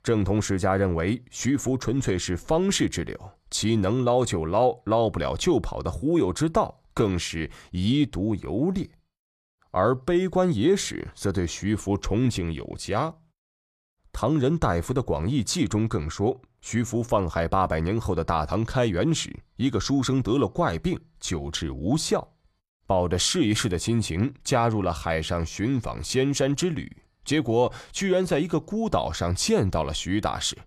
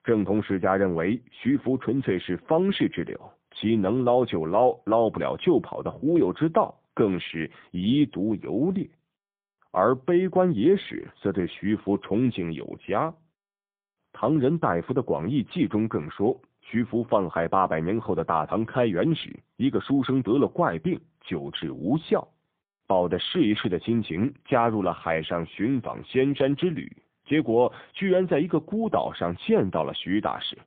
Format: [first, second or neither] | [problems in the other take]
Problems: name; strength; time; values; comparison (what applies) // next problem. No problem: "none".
first | phone-call audio; poor line; nothing above 3.5 kHz